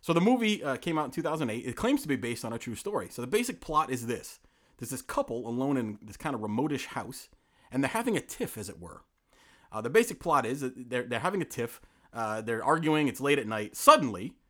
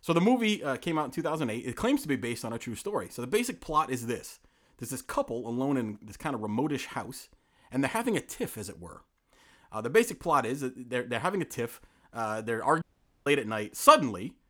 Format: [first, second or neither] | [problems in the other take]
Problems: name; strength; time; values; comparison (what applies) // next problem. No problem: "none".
first | audio cutting out; at 13 s